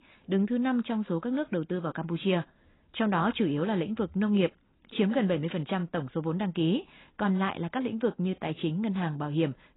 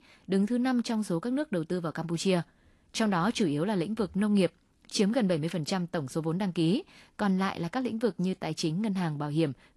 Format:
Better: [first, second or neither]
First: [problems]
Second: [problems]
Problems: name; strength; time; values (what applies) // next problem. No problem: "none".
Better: second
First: garbled, watery; badly; nothing above 3.5 kHz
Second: garbled, watery; slightly; nothing above 11.5 kHz